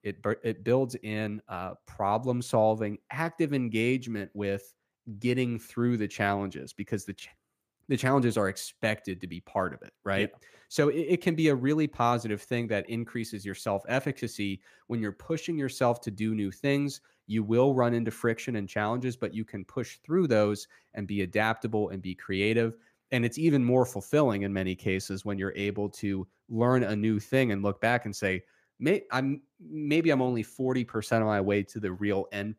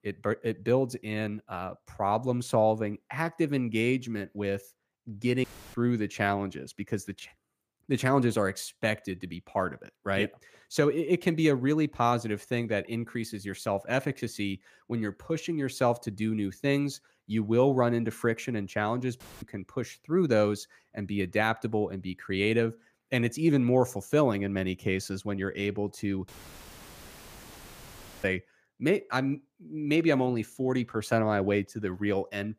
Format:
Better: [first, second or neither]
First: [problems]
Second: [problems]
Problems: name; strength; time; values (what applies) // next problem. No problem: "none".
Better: first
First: none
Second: audio cutting out; filled with static; at 5.5 s, at 19 s and at 26 s for 2 s